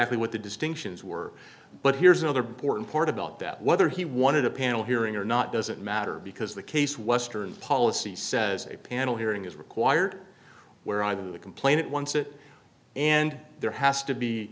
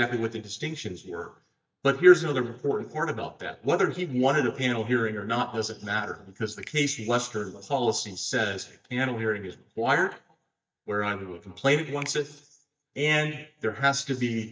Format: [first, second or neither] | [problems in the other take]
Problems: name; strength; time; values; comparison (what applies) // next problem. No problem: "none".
first | noise reduction (neural mask model DeepFilterNet 3)